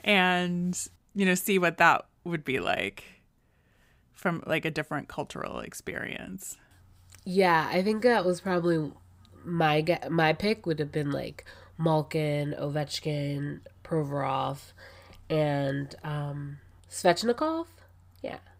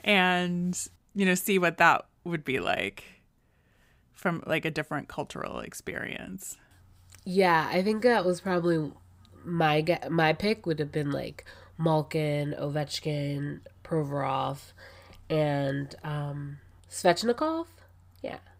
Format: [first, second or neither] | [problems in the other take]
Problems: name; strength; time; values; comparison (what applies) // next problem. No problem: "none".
neither | none